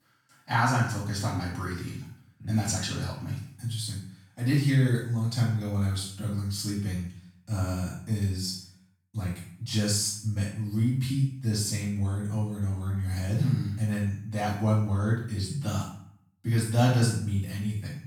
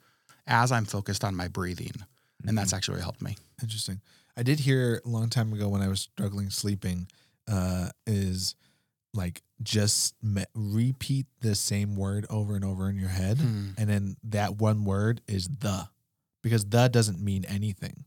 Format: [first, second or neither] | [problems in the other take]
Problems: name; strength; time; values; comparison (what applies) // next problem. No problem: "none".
second | off-mic speech; far // room echo; noticeable; dies away in 0.5 s